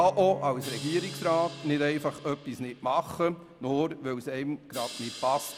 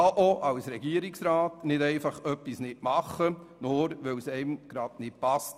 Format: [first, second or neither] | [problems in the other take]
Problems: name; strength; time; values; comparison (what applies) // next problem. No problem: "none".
second | background sound (Crash cymbal + Bowed string instrument); 14 dB below the speech